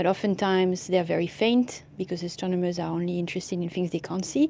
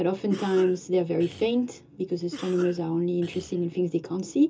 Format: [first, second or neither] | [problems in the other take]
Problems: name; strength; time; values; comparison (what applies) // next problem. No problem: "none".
first | background sound (Cough); 18 dB below the speech // room echo; dies away in 0.2 s